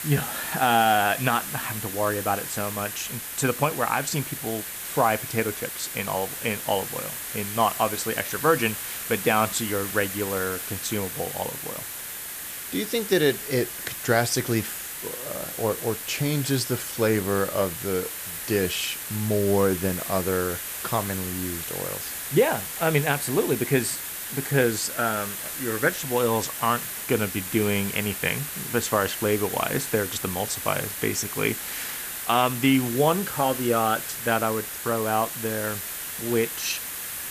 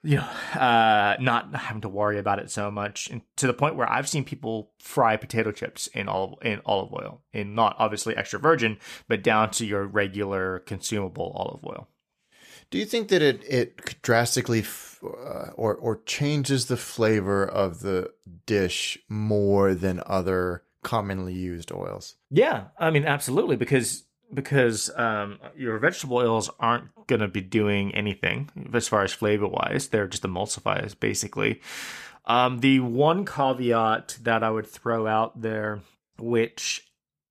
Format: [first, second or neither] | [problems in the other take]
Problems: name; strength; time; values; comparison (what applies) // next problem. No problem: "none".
second | hiss; loud; throughout; 5 dB below the speech